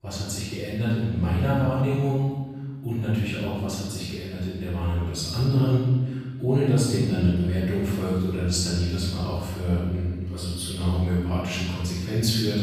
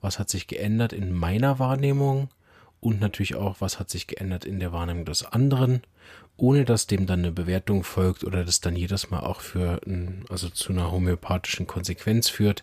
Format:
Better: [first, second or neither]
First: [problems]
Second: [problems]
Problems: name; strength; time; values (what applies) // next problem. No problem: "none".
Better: second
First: off-mic speech; far // room echo; strong; dies away in 1.4 s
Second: none